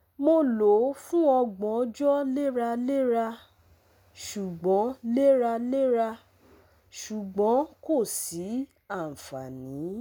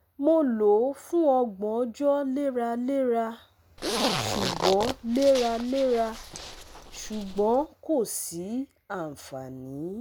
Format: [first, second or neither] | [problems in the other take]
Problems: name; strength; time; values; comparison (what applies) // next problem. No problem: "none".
first | background sound (Zipper (clothing)); 5 dB below the speech